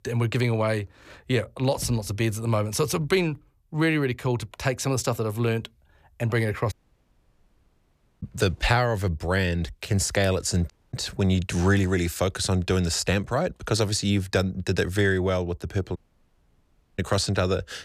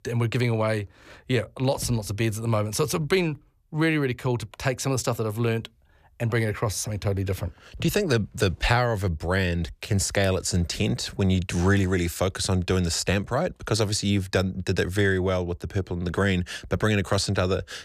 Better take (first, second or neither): second